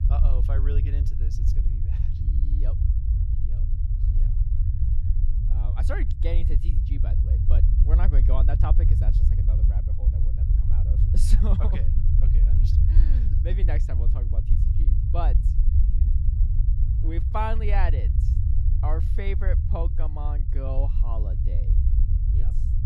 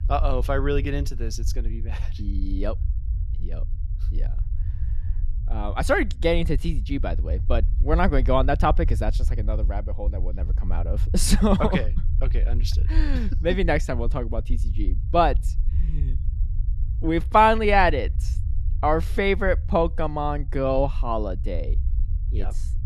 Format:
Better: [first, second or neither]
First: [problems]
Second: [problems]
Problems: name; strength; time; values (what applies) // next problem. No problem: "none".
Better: second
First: low rumble; loud; throughout; 6 dB below the speech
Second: low rumble; faint; throughout; 25 dB below the speech